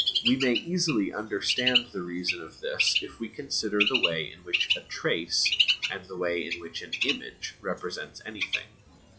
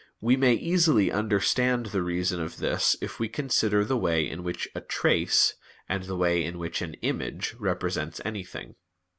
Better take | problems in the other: second | noise reduction (classical method log-MMSE)

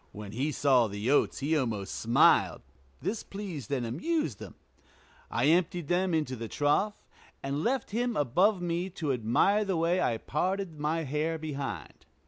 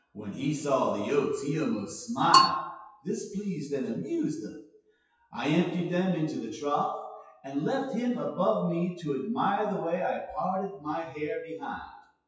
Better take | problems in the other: first | noise reduction (classical method WPE with log-MMSE)

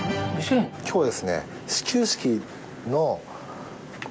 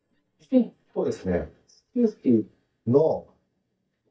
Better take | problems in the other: first | noise reduction (neural mask model DeepFilterNet 3)

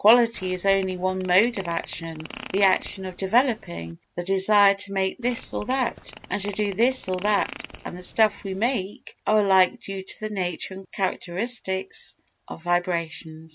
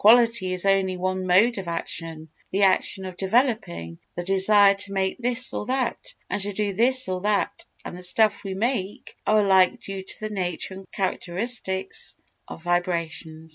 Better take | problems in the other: second | background sound (Fart); 17 dB below the speech

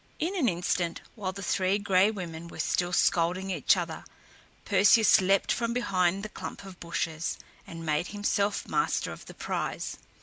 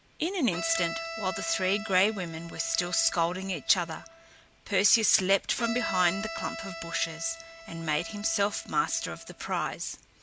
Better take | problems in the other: first | background sound (Bowed string instrument); 11 dB below the speech

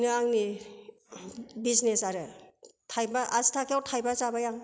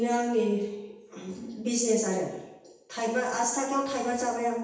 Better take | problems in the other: first | room echo; dies away in 0.9 s

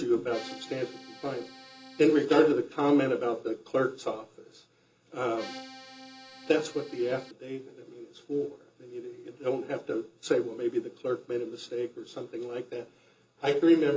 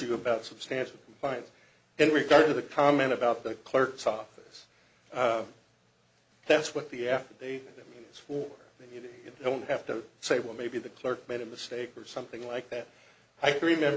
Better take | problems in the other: second | background sound (Accordion); 16 dB below the speech // room echo; dies away in 0.2 s

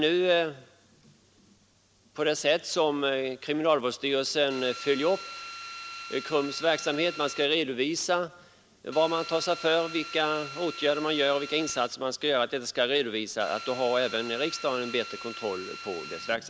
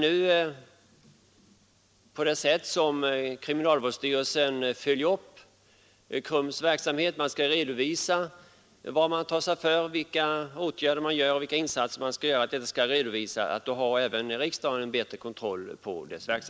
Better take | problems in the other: second | background sound (Drill); 12 dB below the speech

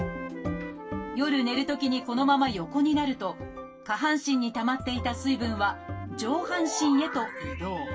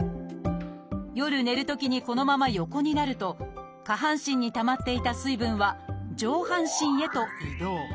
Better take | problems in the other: second | background sound (Wind instrument, woodwind instrument); 15 dB below the speech // room echo; dies away in 0.1 s

